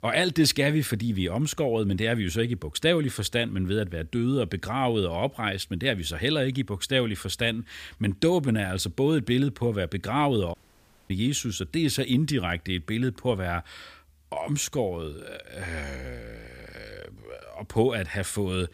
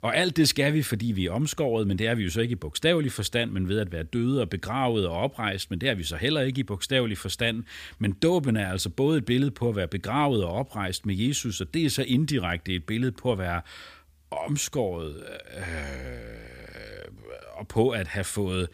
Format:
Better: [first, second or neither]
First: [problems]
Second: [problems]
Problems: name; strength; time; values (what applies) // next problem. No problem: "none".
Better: second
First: audio cutting out; at 11 s for 0.5 s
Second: none